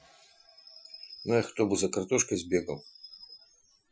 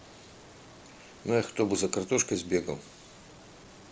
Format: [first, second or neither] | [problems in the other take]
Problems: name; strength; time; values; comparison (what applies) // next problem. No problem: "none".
second | noise reduction (classical method Wiener filter)